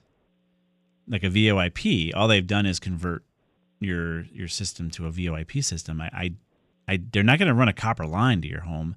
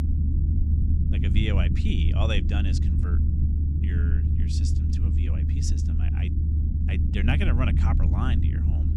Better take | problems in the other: first | low rumble; loud; throughout; 3 dB below the speech

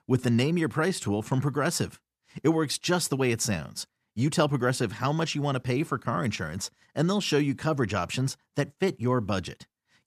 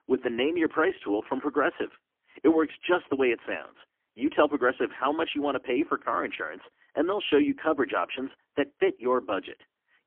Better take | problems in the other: first | phone-call audio; poor line; nothing above 3.5 kHz

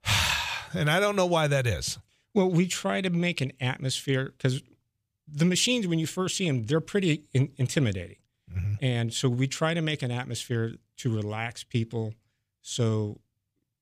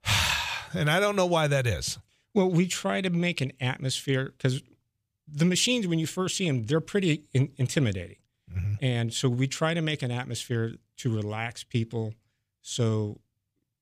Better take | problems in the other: neither | none

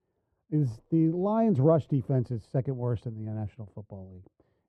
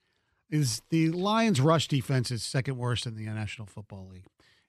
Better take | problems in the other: second | muffled; very; fading above 1.5 kHz

